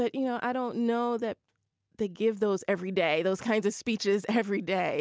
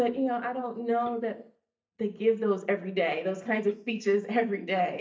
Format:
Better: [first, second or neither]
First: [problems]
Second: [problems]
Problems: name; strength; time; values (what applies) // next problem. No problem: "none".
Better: first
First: none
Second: noise reduction (neural mask model DeepFilterNet 3)